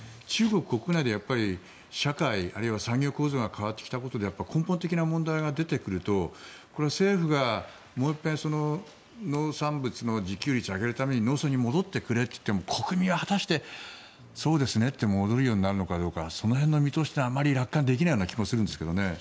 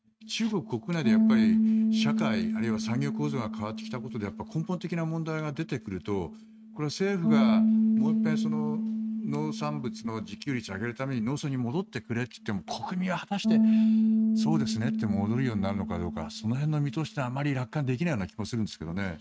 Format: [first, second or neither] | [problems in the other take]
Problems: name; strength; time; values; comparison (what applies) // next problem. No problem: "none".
first | noise reduction (neural mask model RNNoise)